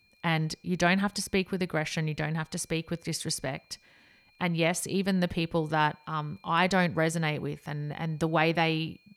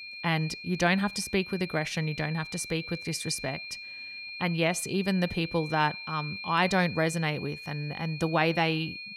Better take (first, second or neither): first